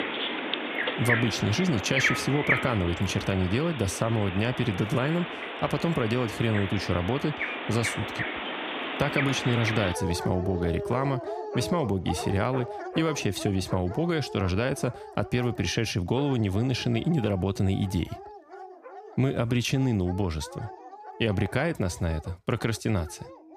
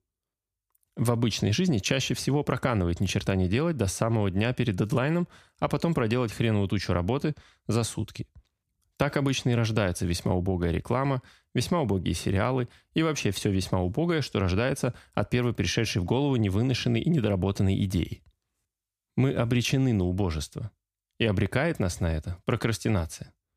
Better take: second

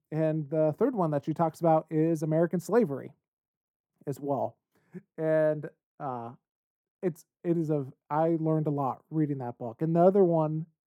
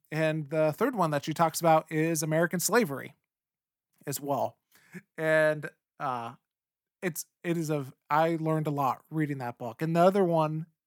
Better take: second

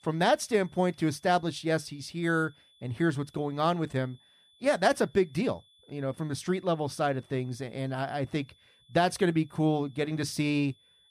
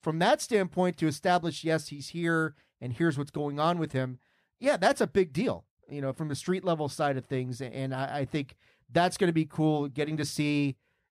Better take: second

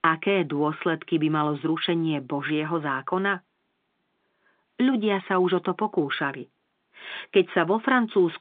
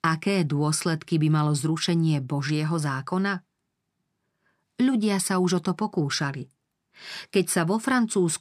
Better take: second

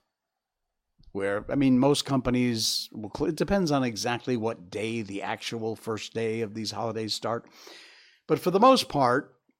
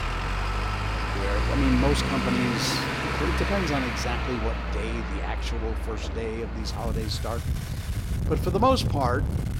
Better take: first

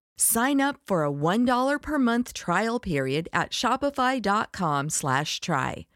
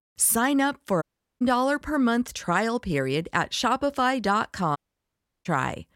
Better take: first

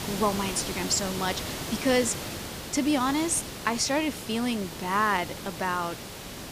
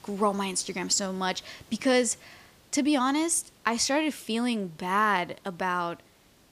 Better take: second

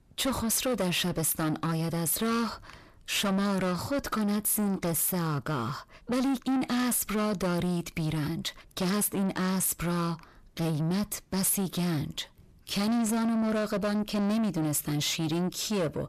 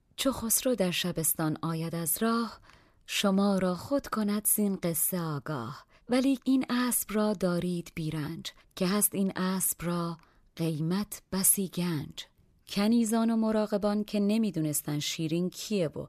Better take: second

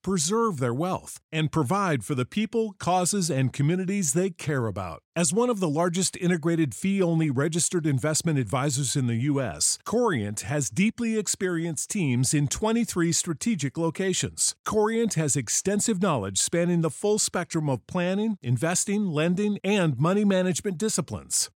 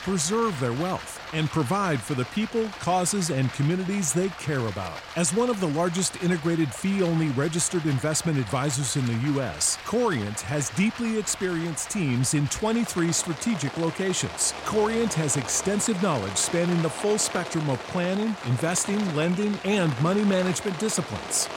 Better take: first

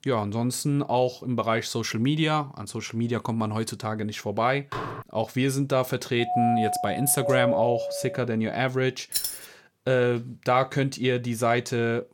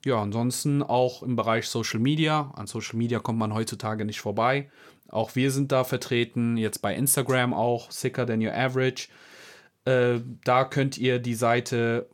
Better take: second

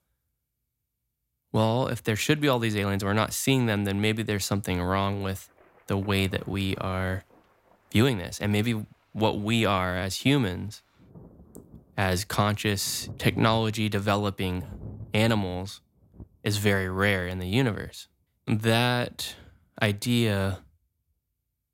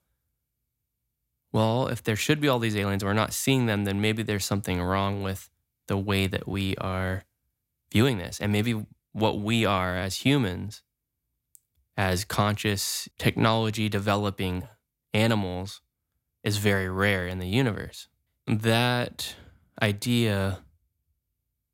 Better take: second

